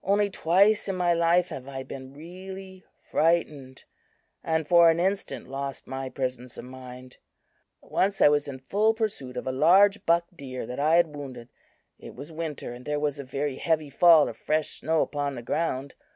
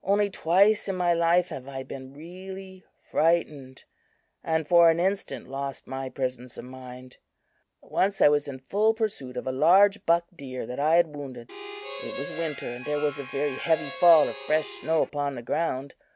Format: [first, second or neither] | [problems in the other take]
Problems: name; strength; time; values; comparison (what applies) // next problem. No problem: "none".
first | background sound (Harmonica); 12 dB below the speech